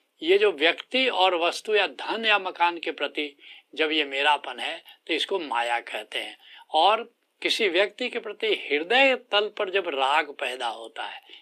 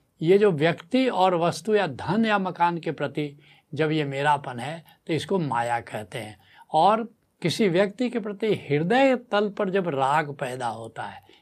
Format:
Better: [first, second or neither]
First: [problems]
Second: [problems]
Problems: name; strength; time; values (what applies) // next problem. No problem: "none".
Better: second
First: thin; somewhat; fading below 300 Hz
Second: none